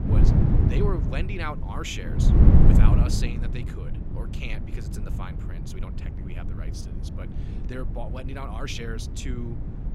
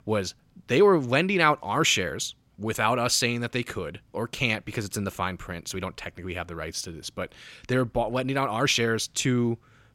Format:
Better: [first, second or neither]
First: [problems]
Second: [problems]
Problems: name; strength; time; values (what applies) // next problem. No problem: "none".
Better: second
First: wind noise on the microphone; heavy; as loud as the speech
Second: none